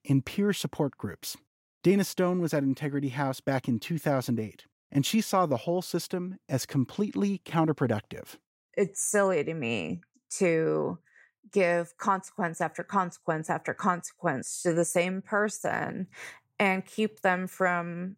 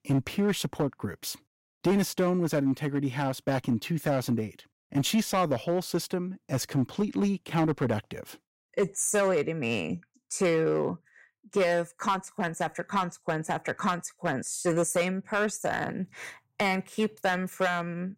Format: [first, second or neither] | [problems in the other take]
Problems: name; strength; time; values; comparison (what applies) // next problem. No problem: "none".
first | distortion; slight; 4% of the sound clipped